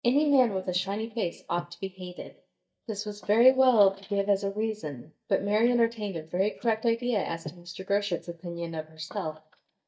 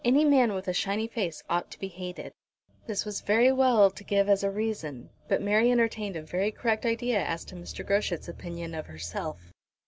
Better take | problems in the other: second | noise reduction (neural mask model DeepFilterNet 3)

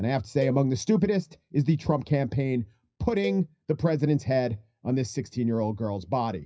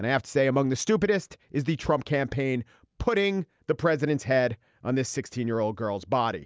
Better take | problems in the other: second | noise reduction (classical method WPE with log-MMSE)

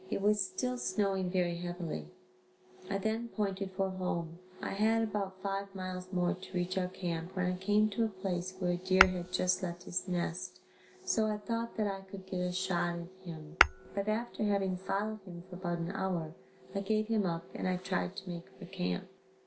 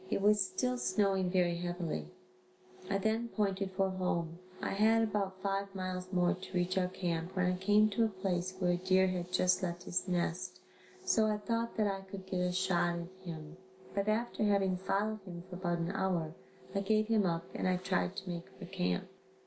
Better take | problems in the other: second | background sound (Tap / Hammer); 2 dB below the speech

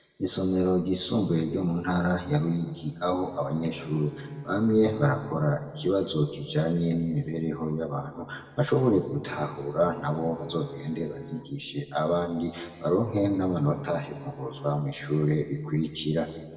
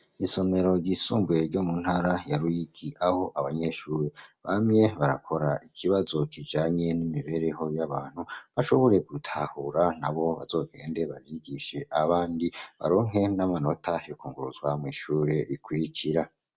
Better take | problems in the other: second | background sound (Bowed string instrument); 19 dB below the speech // room echo; dies away in 1.5 s

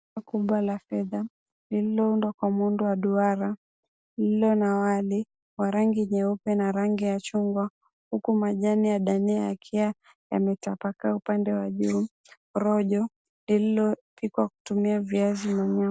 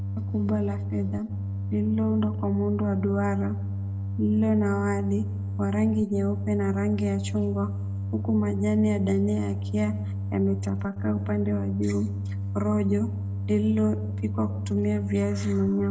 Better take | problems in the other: first | background sound (Organ); 3 dB below the speech // room echo; dies away in 1.1 s

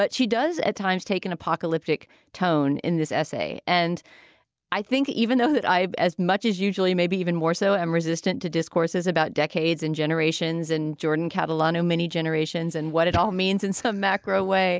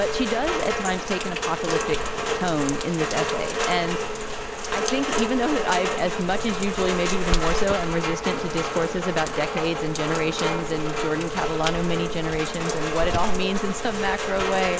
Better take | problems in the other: first | background sound (Rain); as loud as the speech

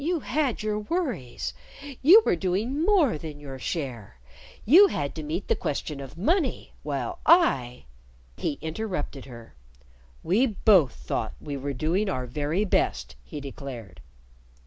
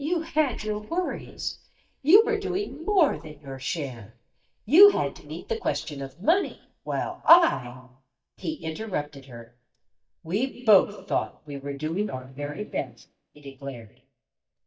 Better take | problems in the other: first | noise reduction (neural mask model DeepFilterNet 3)

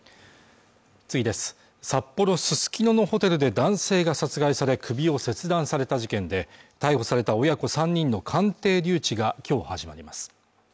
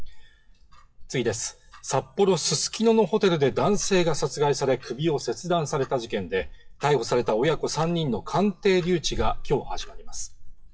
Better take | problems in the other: first | noise reduction (classical method WPE with log-MMSE)

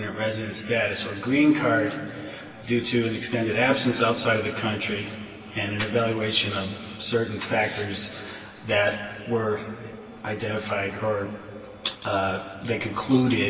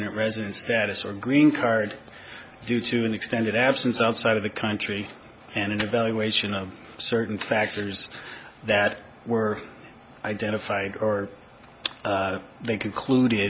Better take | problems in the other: second | room echo; dies away in 2.4 s

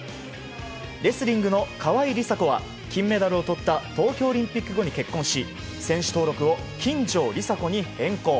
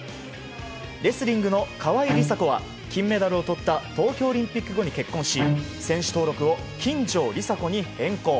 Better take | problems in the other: first | background sound (Bowed string instrument); 5 dB below the speech

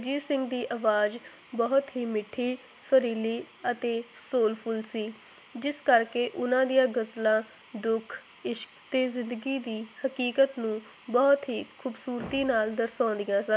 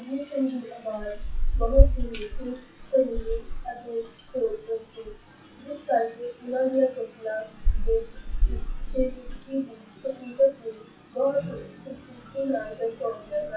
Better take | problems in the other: first | noise reduction (classical method WPE with log-MMSE)

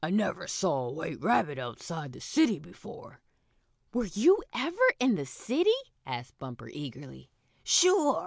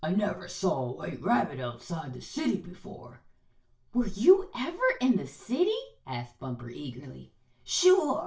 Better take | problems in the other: first | room echo; dies away in 0.3 s

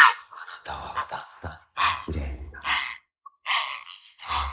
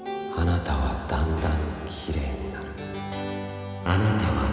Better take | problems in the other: second | noise reduction (neural mask model Resemble Enhance denoiser)

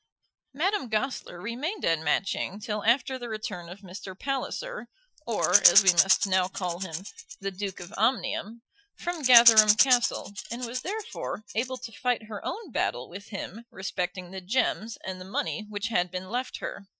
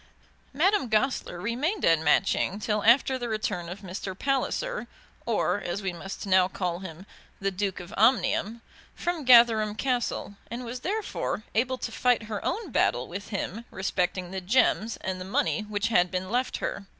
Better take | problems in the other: second | noise reduction (classical method Wiener filter)

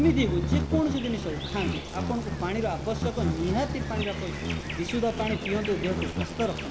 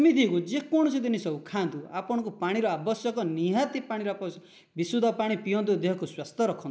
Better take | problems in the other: second | background sound (Insect); 1 dB below the speech

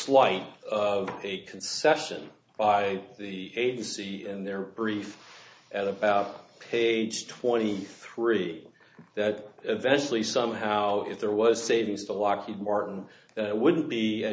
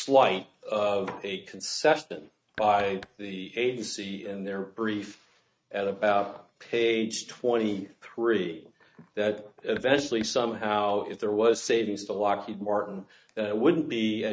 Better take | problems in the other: first | noise reduction (neural mask model RNNoise)

